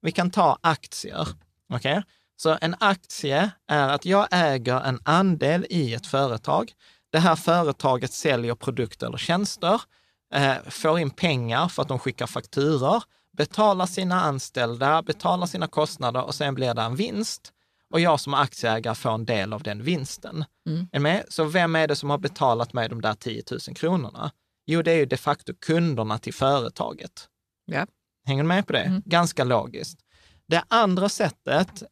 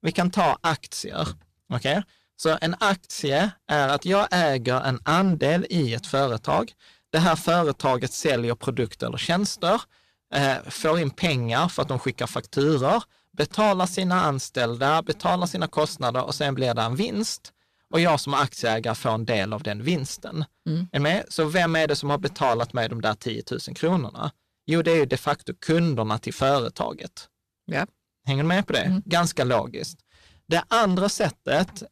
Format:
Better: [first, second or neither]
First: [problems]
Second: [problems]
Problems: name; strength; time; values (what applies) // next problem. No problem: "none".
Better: first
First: none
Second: distortion; slight; 6% of the sound clipped